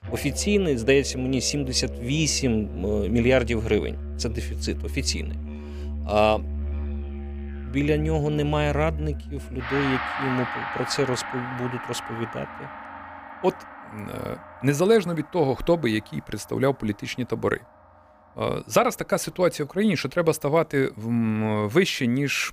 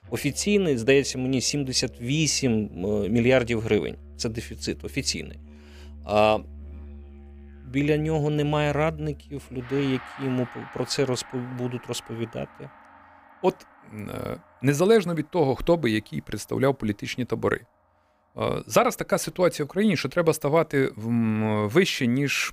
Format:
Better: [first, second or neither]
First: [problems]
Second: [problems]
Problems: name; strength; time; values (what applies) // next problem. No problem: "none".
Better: second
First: background music; loud; throughout; 9 dB below the speech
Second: background music; faint; throughout; 20 dB below the speech